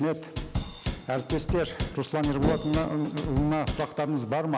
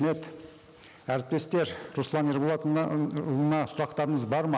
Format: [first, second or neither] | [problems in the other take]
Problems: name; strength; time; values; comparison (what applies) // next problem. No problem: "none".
second | background sound (Drum / Drum kit + Brass instrument); 4 dB below the speech